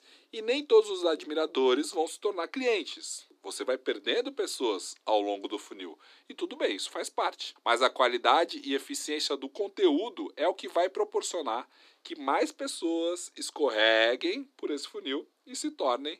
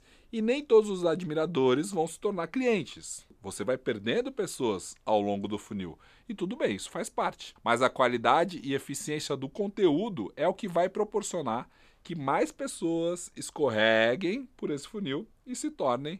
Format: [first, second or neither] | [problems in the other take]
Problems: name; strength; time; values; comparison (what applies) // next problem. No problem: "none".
second | thin; very slightly; fading below 250 Hz